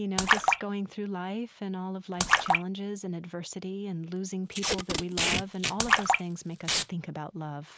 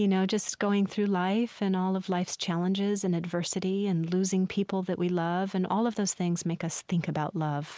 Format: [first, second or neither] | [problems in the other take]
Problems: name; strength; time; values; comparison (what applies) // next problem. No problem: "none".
second | background sound (Splash, splatter + Packing tape, duct tape); 4 dB above the speech